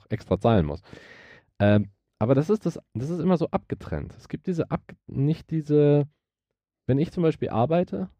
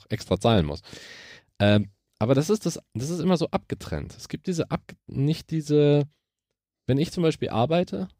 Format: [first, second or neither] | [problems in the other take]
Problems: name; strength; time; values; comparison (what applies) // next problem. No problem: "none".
second | muffled; slightly; fading above 3 kHz